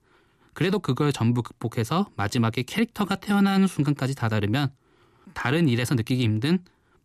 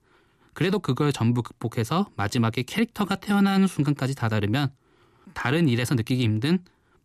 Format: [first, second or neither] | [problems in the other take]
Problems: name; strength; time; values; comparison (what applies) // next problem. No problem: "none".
neither | none